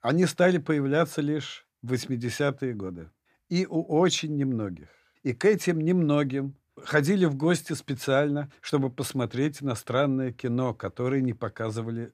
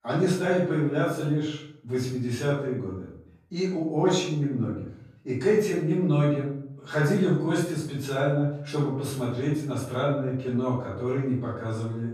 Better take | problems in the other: first | off-mic speech; far // room echo; noticeable; dies away in 0.6 s

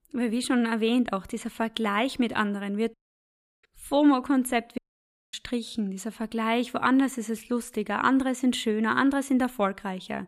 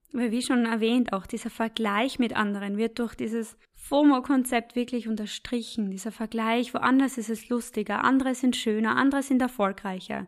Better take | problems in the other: second | audio cutting out; at 3 s for 0.5 s and at 5 s for 0.5 s

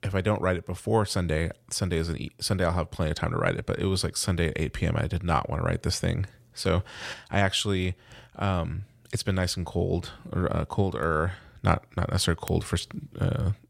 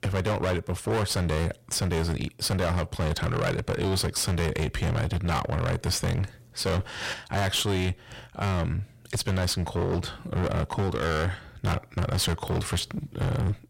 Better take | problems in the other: first | distortion; heavy; 28% of the sound clipped

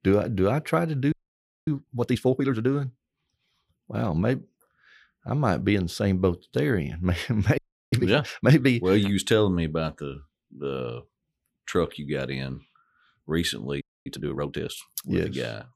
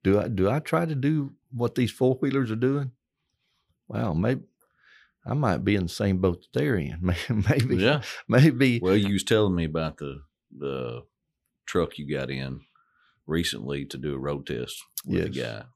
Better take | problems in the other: second | audio freezing; at 1 s for 0.5 s, at 7.5 s and at 14 s

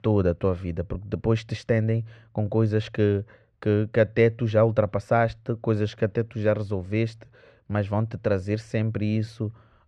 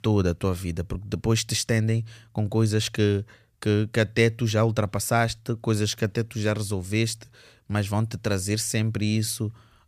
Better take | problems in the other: second | muffled; very; fading above 2 kHz

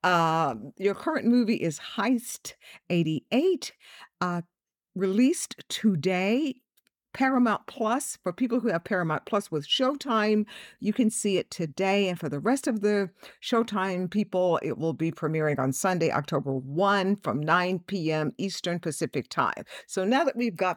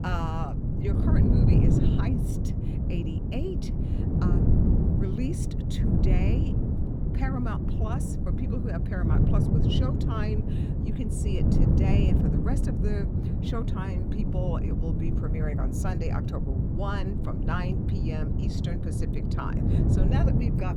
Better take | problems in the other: first | wind noise on the microphone; heavy; 2 dB above the speech

